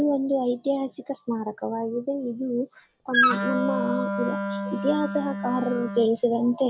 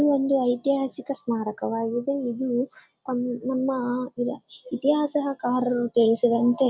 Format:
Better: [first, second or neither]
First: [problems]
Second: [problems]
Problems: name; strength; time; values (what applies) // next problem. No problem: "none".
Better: second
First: background sound (Wind instrument, woodwind instrument); 1 dB below the speech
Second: none